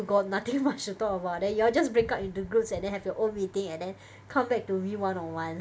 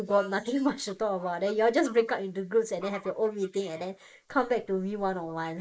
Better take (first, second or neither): first